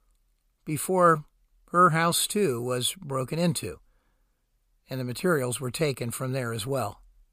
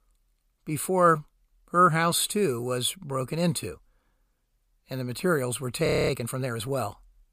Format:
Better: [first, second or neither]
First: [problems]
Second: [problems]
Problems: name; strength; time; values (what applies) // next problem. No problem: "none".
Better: first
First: none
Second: audio freezing; at 6 s